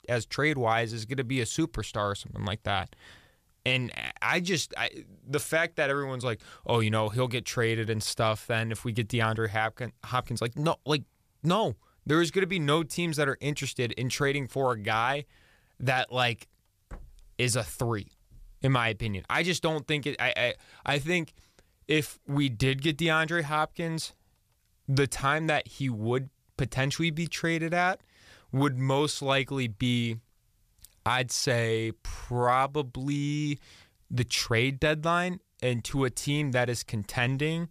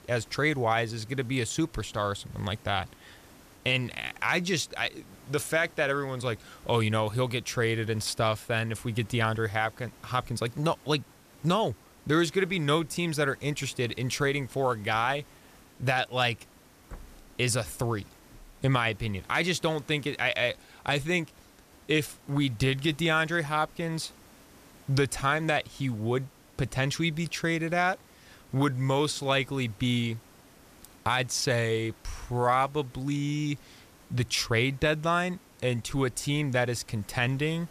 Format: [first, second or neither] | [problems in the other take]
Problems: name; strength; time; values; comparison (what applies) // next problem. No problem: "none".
first | hiss; faint; throughout; 25 dB below the speech